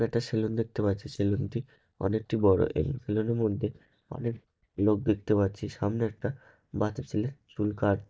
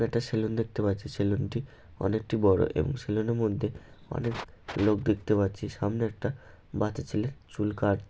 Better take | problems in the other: second | noise reduction (neural mask model DeepFilterNet 3)

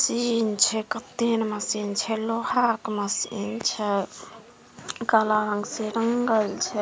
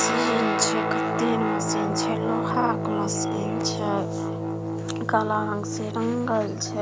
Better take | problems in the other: first | background sound (Guitar); 1 dB above the speech

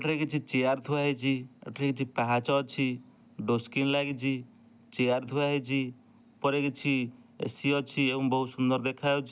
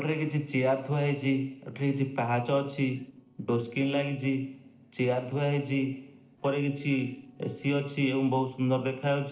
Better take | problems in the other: first | noise reduction (neural separator model SepFormer DNS4)

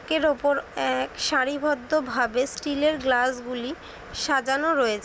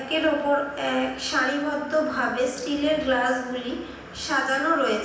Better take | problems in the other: first | room echo; dies away in 0.9 s

